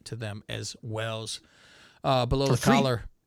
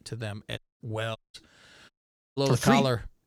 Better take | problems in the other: first | audio cutting out; at 0.5 s, at 1 s and at 2 s

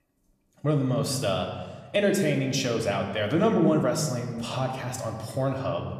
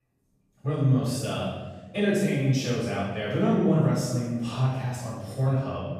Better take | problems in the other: first | room echo; strong; dies away in 1.2 s; slight in the first // off-mic speech; far

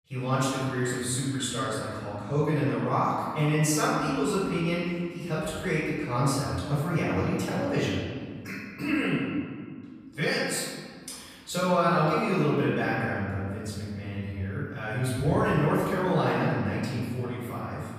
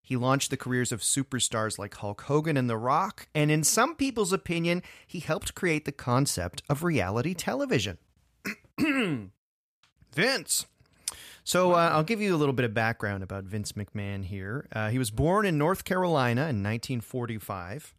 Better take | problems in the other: second | off-mic speech; far // room echo; strong; dies away in 1.7 s

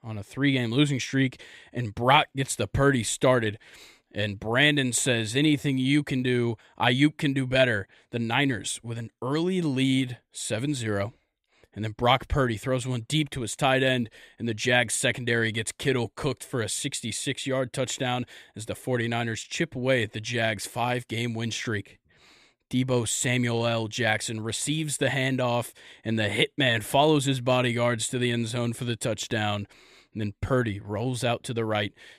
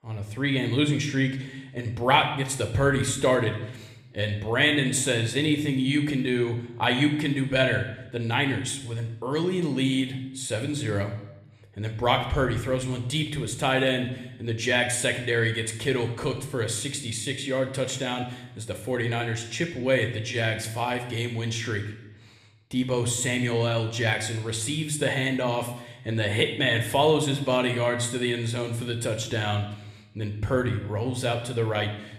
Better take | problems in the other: first | room echo; slight; dies away in 0.8 s

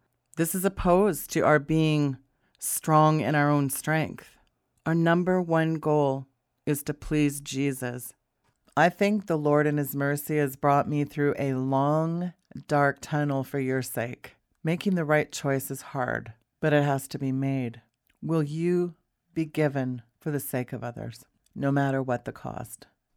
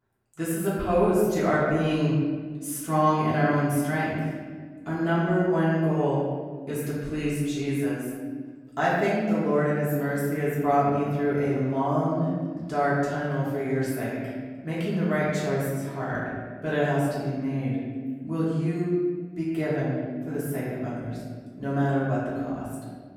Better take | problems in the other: first | room echo; strong; dies away in 1.7 s // off-mic speech; far

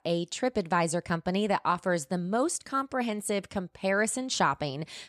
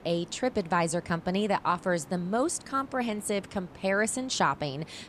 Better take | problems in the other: first | hiss; faint; throughout; 20 dB below the speech

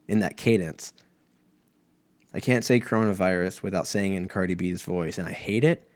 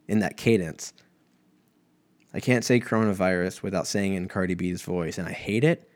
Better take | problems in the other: second | garbled, watery; slightly; nothing above 19 kHz

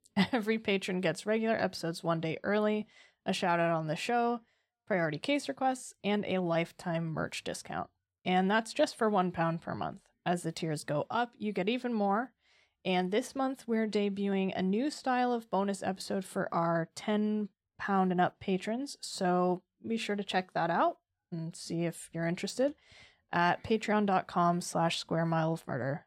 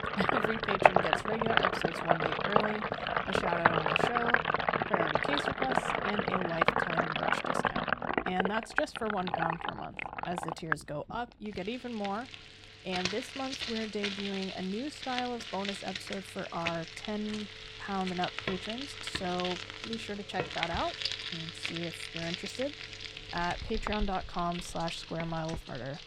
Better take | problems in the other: first | household noises; very loud; throughout; 5 dB above the speech

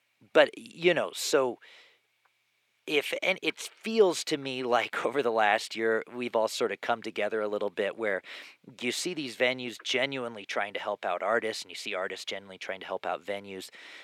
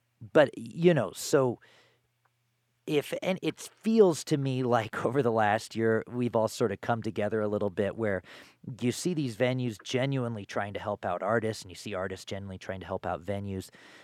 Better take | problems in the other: second | thin; somewhat; fading below 350 Hz

